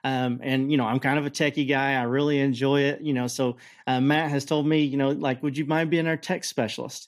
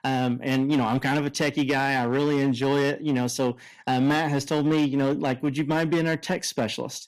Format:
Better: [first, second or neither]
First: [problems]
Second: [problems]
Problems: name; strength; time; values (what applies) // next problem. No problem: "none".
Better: first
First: none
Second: distortion; slight; 9% of the sound clipped